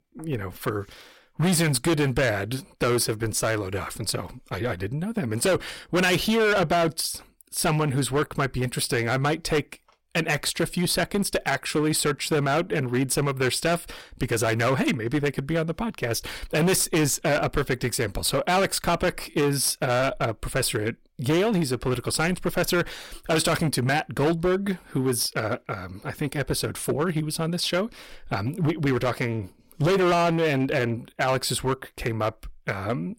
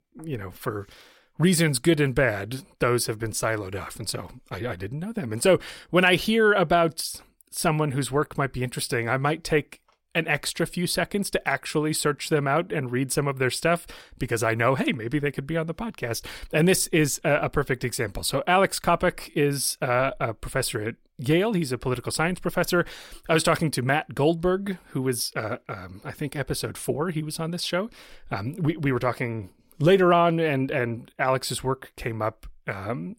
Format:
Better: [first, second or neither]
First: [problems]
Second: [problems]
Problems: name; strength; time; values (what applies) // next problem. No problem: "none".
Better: second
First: distortion; heavy; 11% of the sound clipped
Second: none